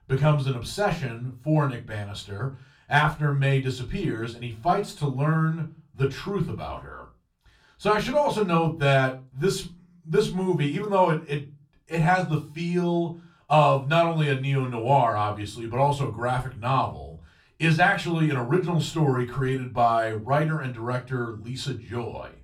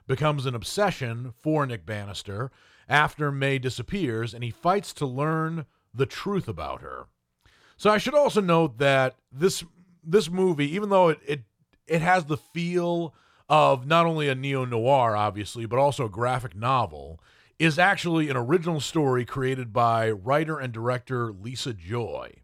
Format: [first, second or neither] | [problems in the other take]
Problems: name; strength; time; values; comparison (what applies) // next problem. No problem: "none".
second | off-mic speech; far // room echo; very slight; dies away in 0.2 s